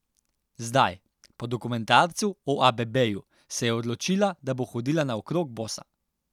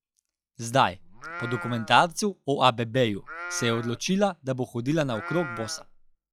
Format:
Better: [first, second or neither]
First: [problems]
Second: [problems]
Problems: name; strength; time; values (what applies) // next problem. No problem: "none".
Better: first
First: none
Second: noise reduction (classical method log-MMSE)